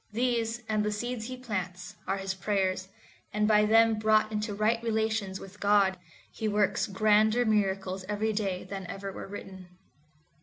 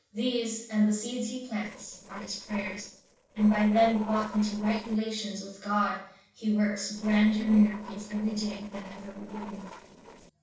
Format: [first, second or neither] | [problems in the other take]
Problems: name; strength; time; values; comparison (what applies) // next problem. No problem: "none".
first | noise reduction (neural separator model SepFormer DNS4)